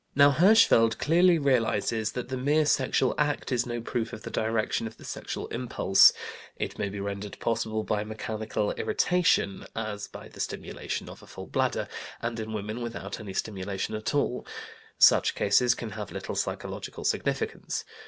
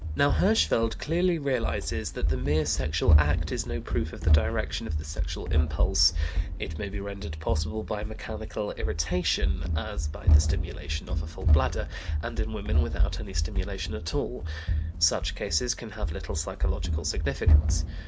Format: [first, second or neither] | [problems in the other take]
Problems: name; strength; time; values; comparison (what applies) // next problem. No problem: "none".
first | background sound (Run); 5 dB above the speech